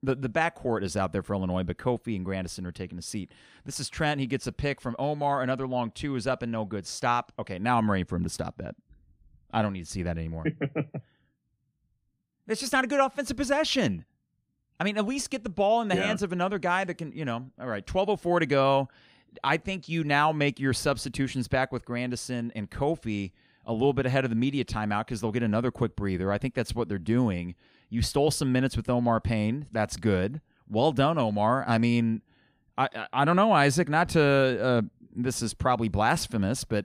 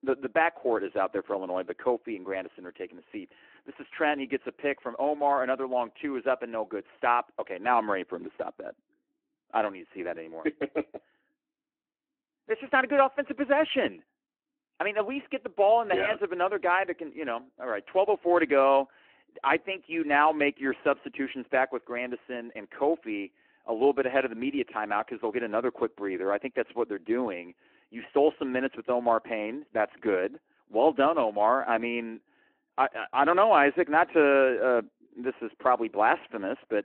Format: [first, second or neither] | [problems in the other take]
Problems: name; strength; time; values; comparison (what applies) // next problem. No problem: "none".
first | phone-call audio